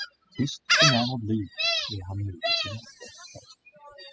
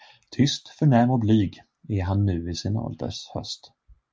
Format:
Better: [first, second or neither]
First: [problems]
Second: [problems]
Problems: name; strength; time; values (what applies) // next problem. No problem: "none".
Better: second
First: noise reduction (classical method spectral subtraction)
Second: none